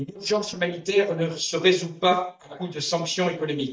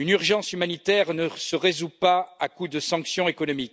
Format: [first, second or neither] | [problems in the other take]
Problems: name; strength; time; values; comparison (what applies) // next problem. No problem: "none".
second | noise reduction (neural mask model DeepFilterNet 3)